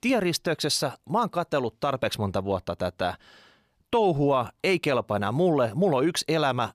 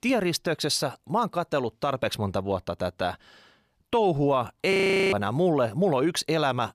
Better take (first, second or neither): first